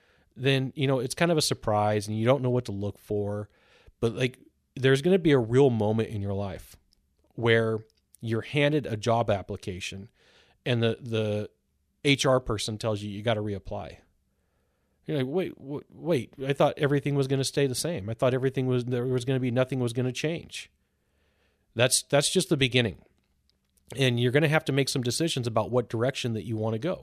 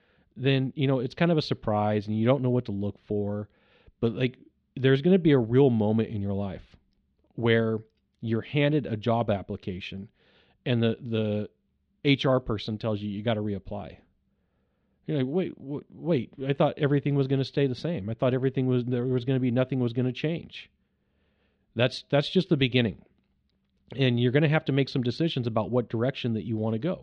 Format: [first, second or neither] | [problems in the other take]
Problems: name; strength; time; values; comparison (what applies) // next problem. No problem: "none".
first | muffled; slightly; fading above 3.5 kHz